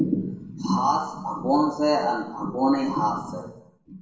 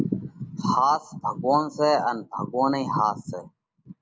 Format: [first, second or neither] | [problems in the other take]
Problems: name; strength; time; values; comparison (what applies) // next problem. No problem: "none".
second | room echo; dies away in 0.7 s